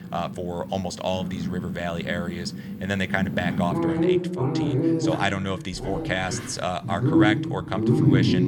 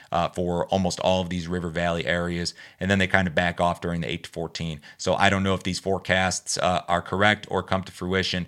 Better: second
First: animal sounds; very loud; throughout; 4 dB above the speech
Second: none

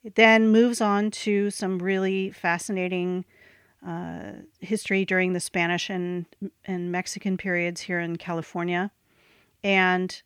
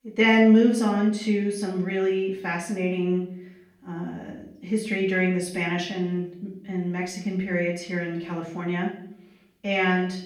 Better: first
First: none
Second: room echo; slight; dies away in 0.6 s // off-mic speech; far

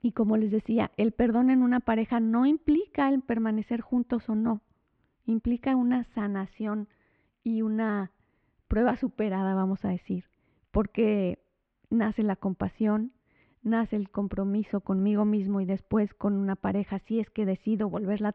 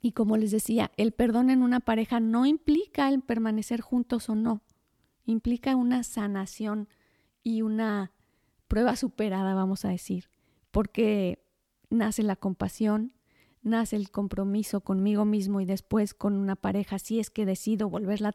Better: second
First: muffled; very; fading above 2.5 kHz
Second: none

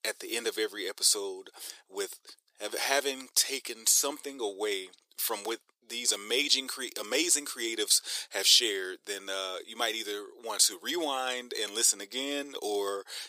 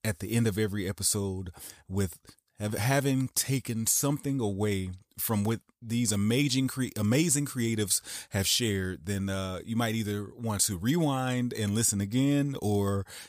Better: second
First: thin; very; fading below 350 Hz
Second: none

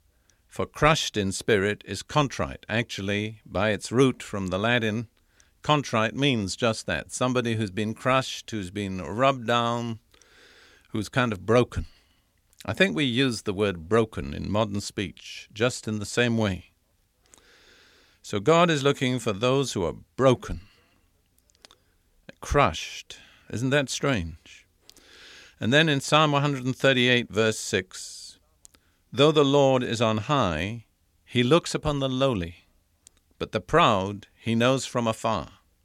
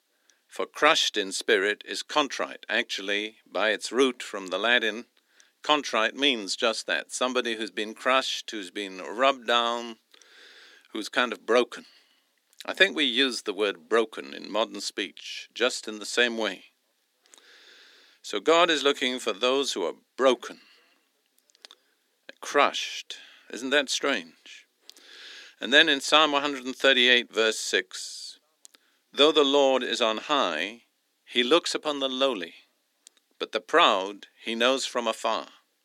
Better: first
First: none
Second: thin; somewhat; fading below 250 Hz

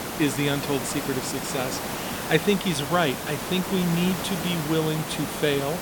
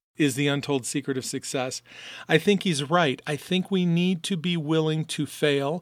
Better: second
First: hiss; loud; throughout; 5 dB below the speech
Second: none

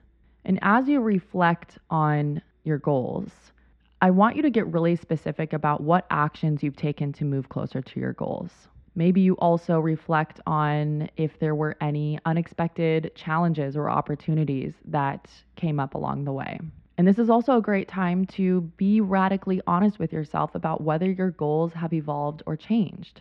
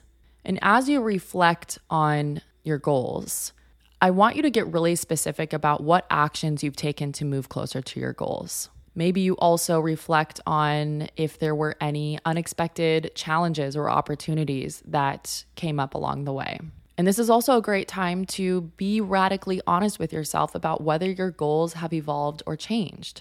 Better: second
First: muffled; very; fading above 2.5 kHz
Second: none

